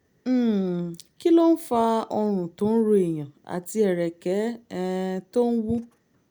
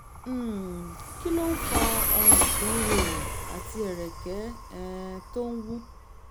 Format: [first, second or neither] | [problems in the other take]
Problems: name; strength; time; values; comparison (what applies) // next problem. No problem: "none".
first | background sound (Train); 5 dB above the speech